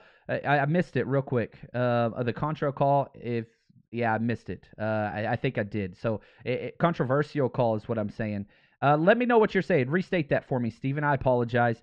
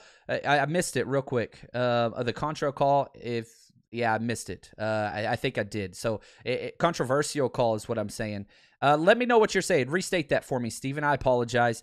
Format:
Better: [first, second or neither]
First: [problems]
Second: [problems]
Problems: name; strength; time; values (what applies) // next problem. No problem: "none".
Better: second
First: muffled; slightly; fading above 3 kHz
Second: none